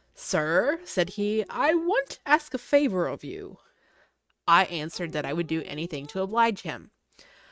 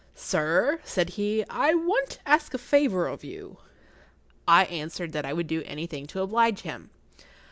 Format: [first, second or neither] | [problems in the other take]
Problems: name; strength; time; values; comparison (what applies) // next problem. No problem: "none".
second | noise reduction (neural mask model RNNoise)